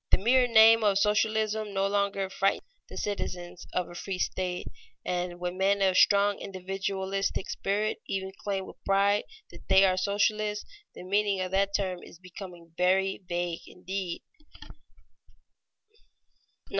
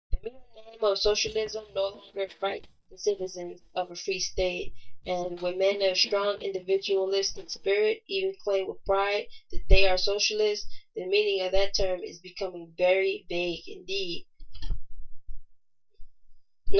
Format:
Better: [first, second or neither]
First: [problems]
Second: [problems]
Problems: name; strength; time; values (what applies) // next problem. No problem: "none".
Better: first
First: none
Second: noise reduction (neural mask model DeepFilterNet 3)